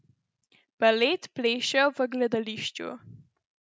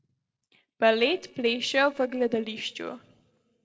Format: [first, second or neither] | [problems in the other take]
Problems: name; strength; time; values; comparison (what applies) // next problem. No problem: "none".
first | noise reduction (neural separator model SepFormer DNS4)